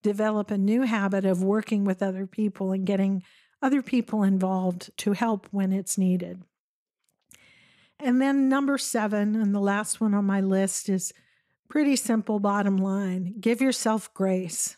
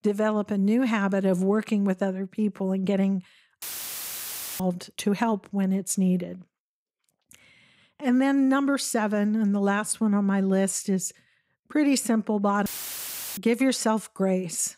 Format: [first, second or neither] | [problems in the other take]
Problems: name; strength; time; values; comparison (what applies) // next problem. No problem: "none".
first | audio cutting out; filled with static; at 3.5 s for 1 s and at 13 s for 0.5 s